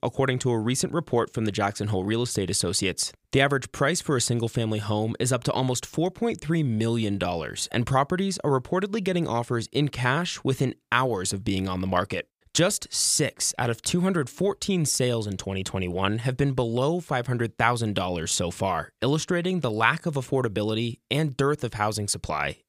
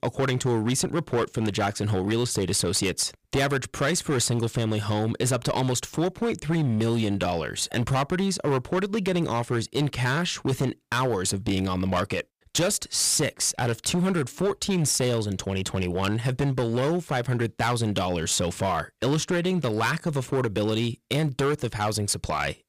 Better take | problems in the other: first | distortion; slight; 12% of the sound clipped

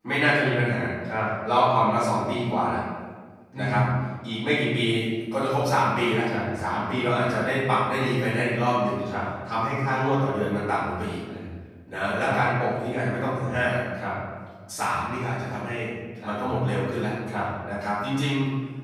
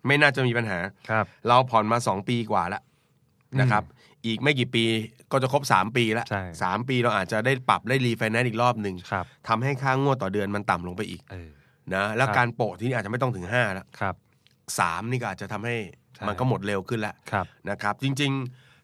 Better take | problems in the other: second | room echo; strong; dies away in 1.3 s // off-mic speech; far

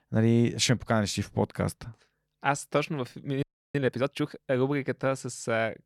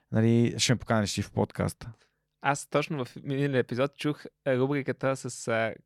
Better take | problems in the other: second | audio freezing; at 3.5 s

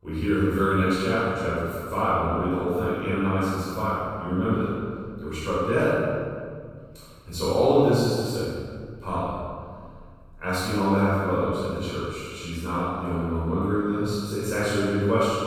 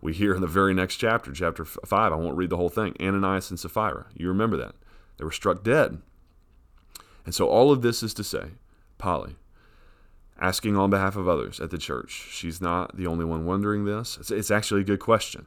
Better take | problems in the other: second | off-mic speech; far // room echo; strong; dies away in 1.9 s

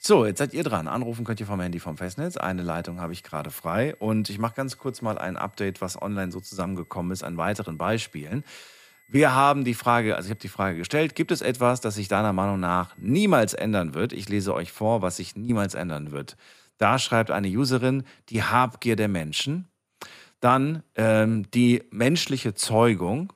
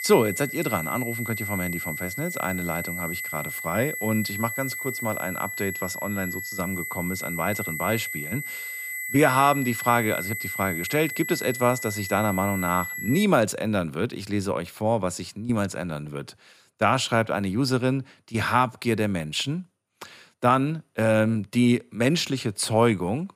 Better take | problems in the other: first | high-pitched whine; loud; until 13 s; 2 kHz, 5 dB below the speech; faint in the first

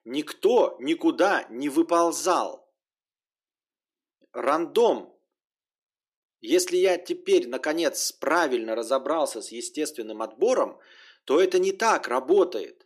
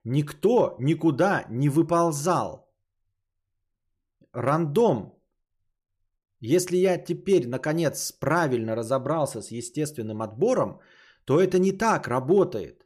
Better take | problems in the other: second | thin; somewhat; fading below 300 Hz

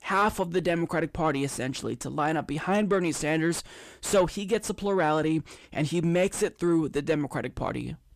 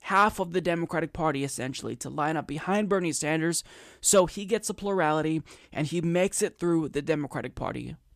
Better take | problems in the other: second | distortion; slight; 10 dB below the speech

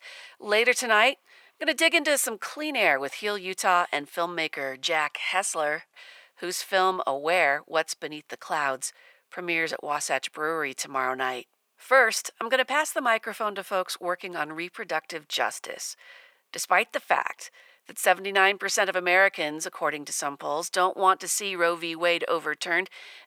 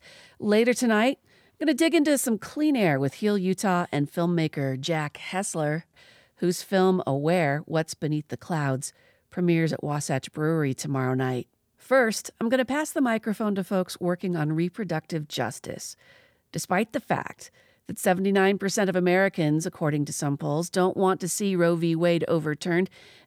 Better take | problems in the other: second | thin; very; fading below 700 Hz

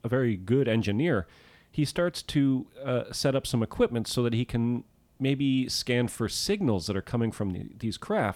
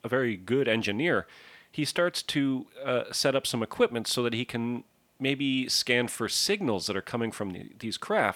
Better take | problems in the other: first | thin; very slightly; fading below 450 Hz

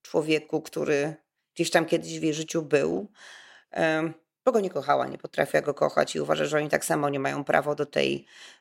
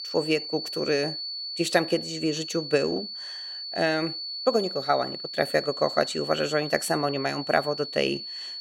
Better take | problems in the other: first | high-pitched whine; loud; throughout; 4.5 kHz, 6 dB below the speech

